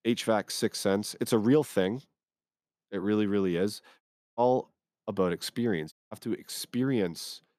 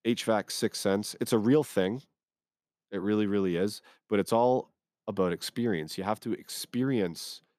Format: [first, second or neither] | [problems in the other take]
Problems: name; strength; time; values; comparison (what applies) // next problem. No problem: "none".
second | audio cutting out; at 4 s and at 6 s